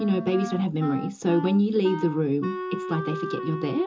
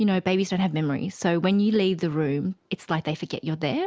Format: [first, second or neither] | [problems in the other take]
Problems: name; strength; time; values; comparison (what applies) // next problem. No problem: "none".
second | background sound (Wind instrument, woodwind instrument); 9 dB below the speech // room echo; dies away in 0.2 s